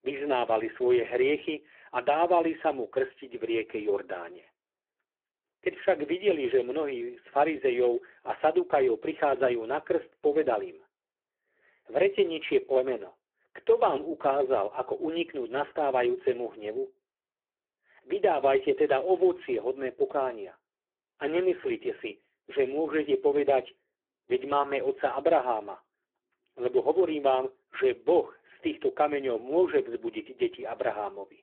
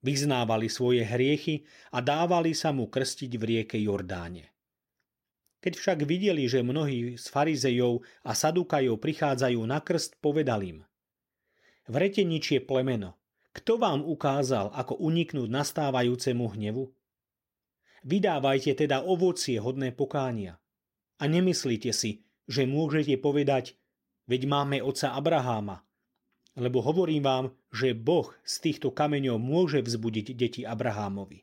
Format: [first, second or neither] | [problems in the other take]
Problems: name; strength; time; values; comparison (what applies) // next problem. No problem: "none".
second | phone-call audio; poor line